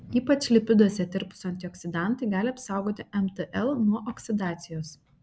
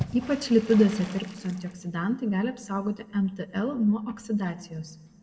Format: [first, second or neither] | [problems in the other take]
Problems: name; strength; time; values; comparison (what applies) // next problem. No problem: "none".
first | background sound (Water / Splash, splatter); 17 dB below the speech // room echo; dies away in 1.2 s